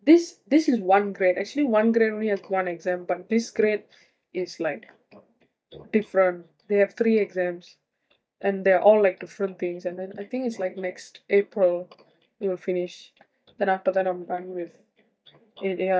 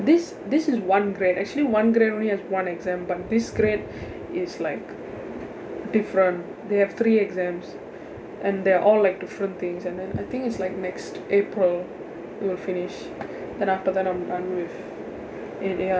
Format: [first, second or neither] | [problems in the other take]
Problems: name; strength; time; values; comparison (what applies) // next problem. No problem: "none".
second | noise reduction (neural mask model DeepFilterNet 3)